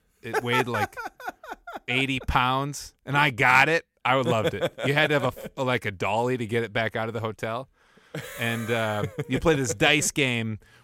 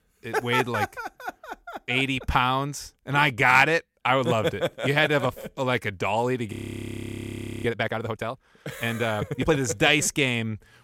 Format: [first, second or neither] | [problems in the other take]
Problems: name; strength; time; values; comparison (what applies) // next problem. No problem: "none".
first | audio freezing; at 6.5 s for 1 s